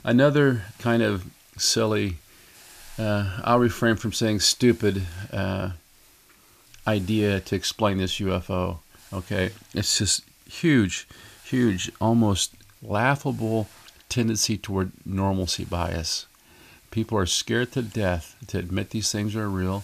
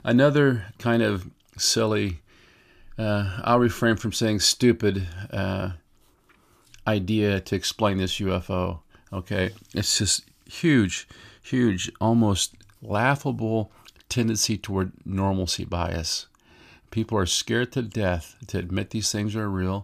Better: second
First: hiss; faint; throughout; 25 dB below the speech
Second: none

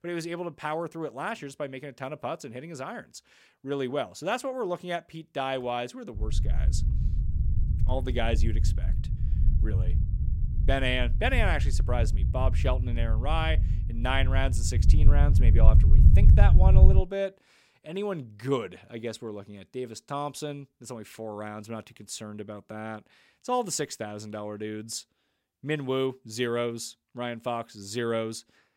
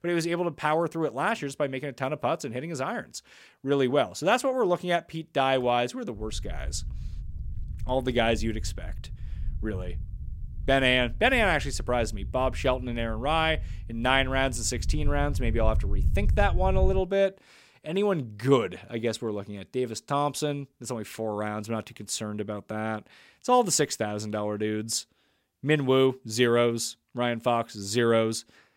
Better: second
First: low rumble; loud; from 6 to 17 s; 9 dB below the speech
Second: low rumble; faint; from 6 to 17 s; 25 dB below the speech

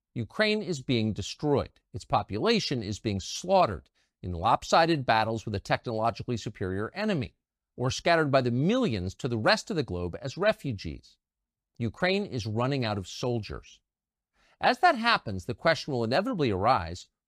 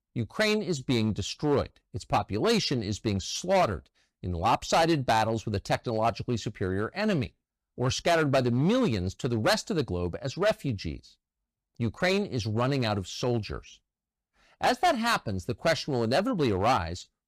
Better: first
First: none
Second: distortion; slight; 5% of the sound clipped

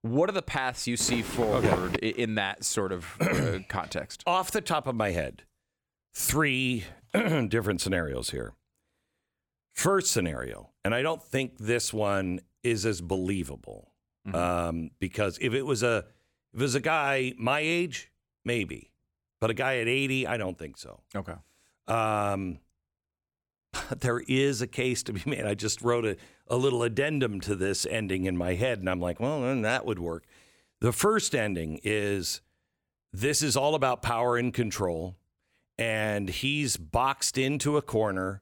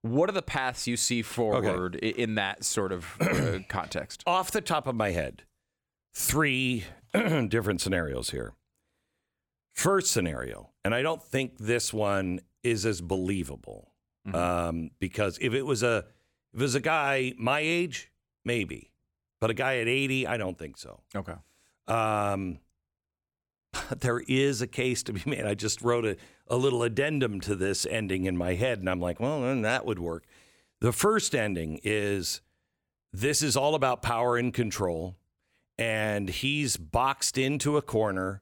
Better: second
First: footsteps; noticeable; at 1 s; peak level with the speech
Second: none

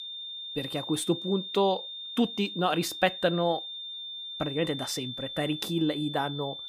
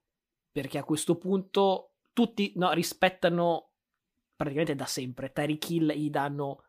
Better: second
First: high-pitched whine; loud; throughout; 3.5 kHz, 7 dB below the speech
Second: none

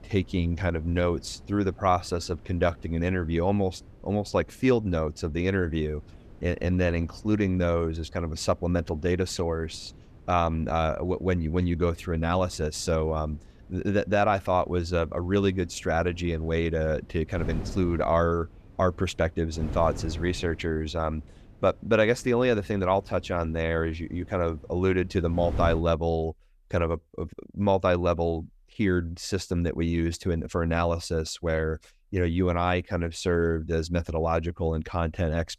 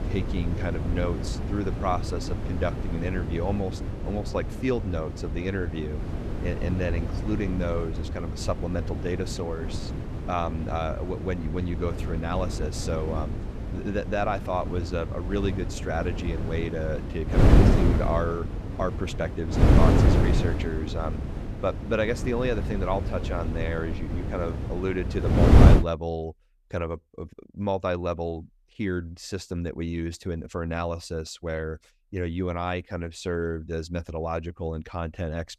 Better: first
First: wind noise on the microphone; occasional gusts; until 26 s; 25 dB below the speech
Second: wind noise on the microphone; heavy; until 26 s; 3 dB below the speech

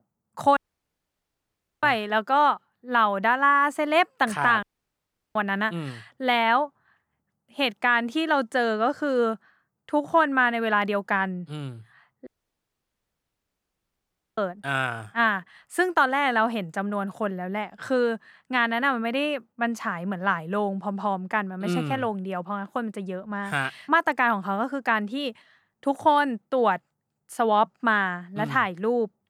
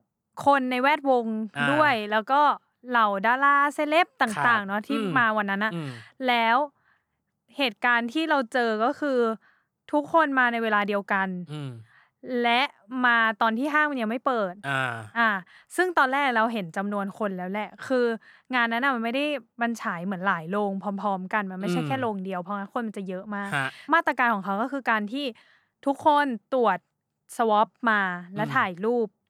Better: second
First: audio cutting out; at 0.5 s for 1.5 s, at 4.5 s for 0.5 s and at 12 s for 2 s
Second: none

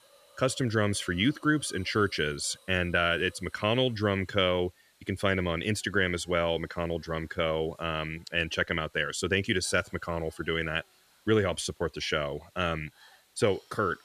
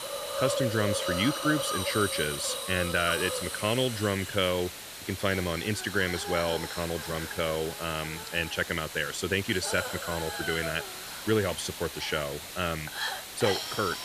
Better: first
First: hiss; faint; throughout; 30 dB below the speech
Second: hiss; loud; throughout; 4 dB below the speech

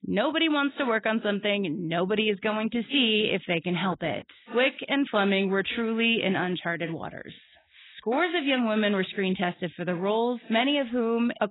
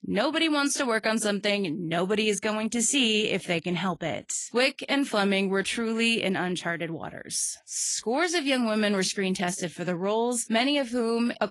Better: second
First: garbled, watery; badly; nothing above 3.5 kHz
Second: garbled, watery; slightly; nothing above 10.5 kHz

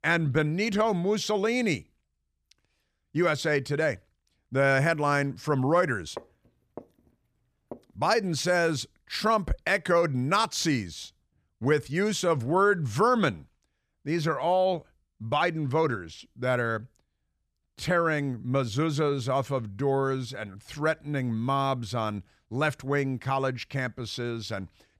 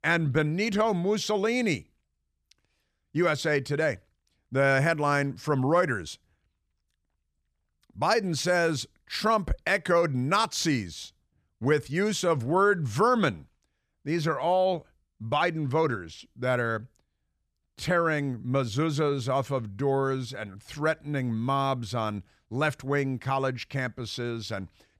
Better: second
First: footsteps; faint; from 6 to 8 s; peak 15 dB below the speech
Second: none

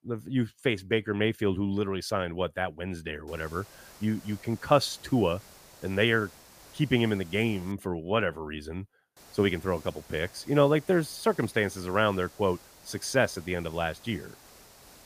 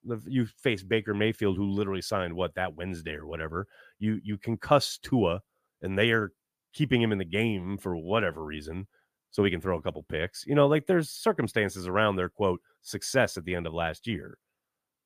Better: second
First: hiss; faint; from 3.5 to 7.5 s and from 9 s on; 20 dB below the speech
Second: none

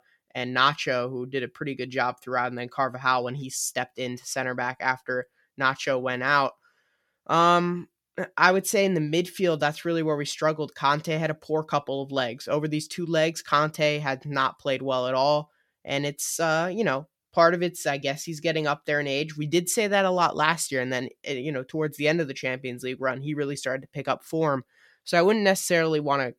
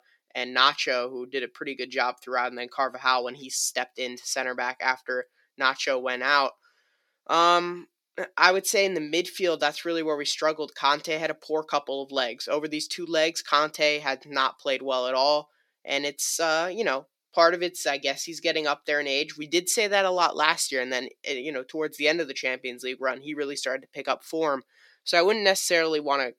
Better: first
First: none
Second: thin; somewhat; fading below 300 Hz

